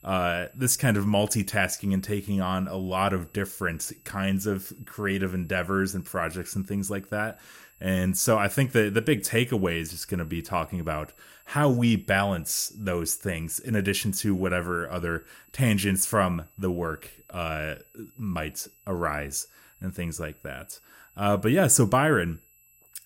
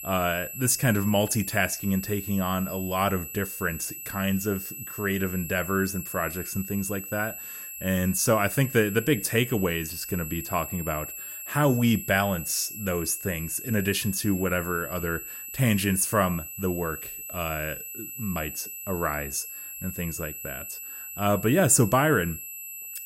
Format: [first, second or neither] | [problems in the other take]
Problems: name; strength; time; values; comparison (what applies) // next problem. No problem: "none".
first | high-pitched whine; loud; throughout; 12 kHz, 9 dB below the speech; faint in the first